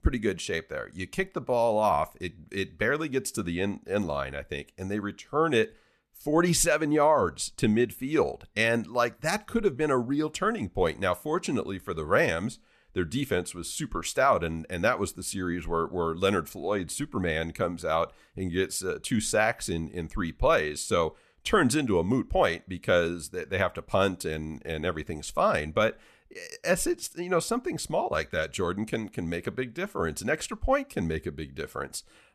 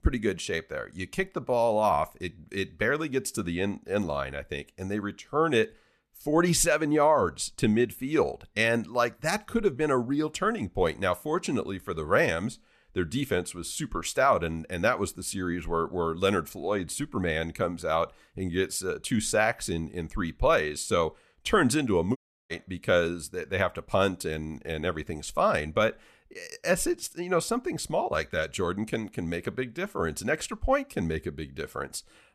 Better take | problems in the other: first | audio cutting out; at 22 s

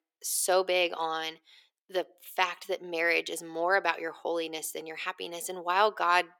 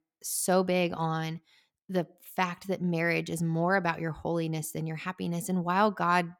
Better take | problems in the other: second | thin; very; fading below 400 Hz

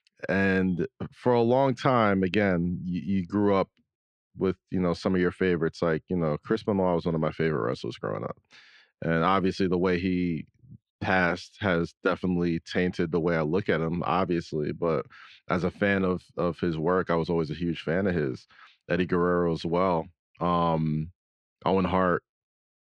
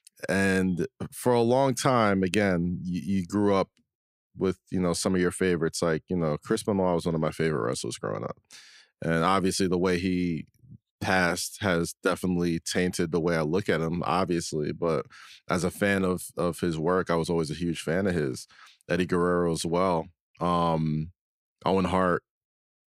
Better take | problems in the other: second | muffled; slightly; fading above 3.5 kHz

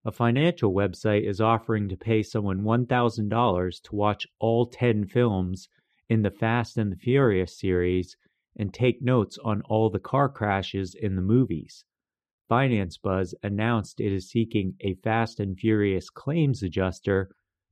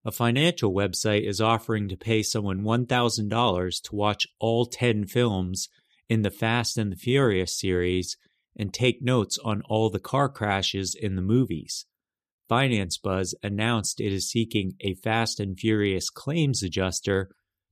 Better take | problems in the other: second | muffled; very; fading above 3.5 kHz

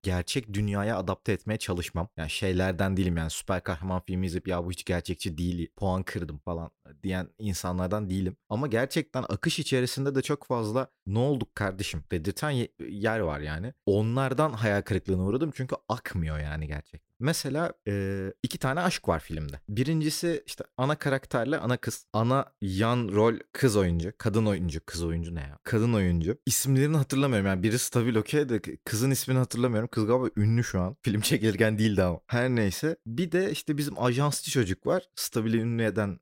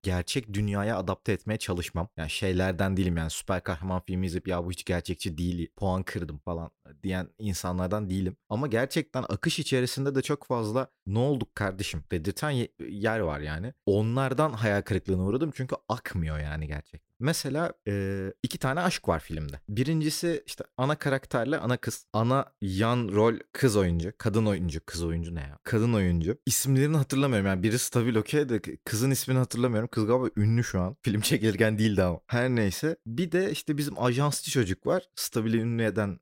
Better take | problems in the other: neither | none

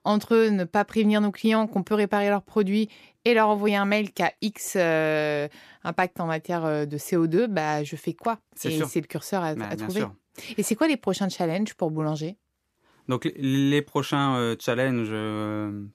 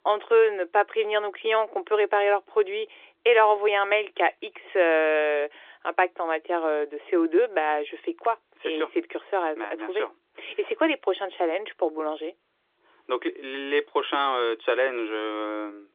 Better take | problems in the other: first | phone-call audio; nothing above 3.5 kHz

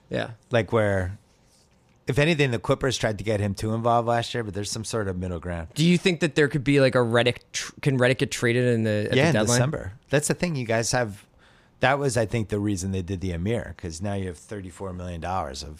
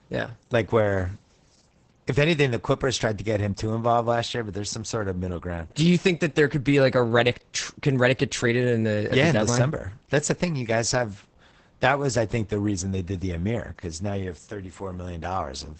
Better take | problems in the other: first | garbled, watery; badly; nothing above 8 kHz

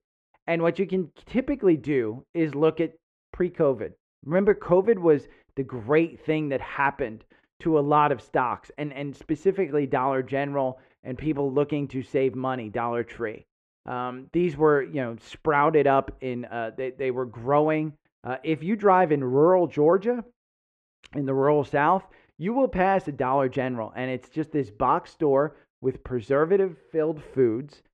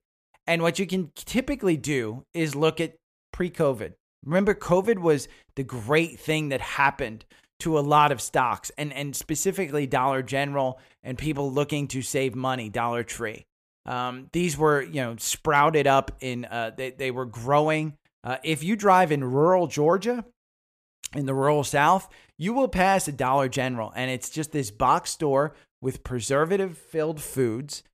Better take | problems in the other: second | muffled; very; fading above 2 kHz

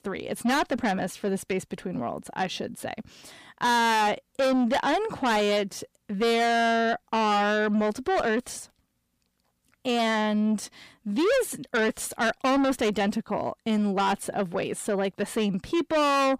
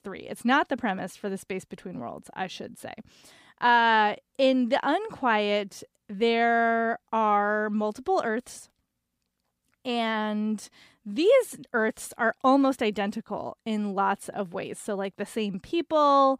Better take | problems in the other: second | distortion; heavy; 6 dB below the speech

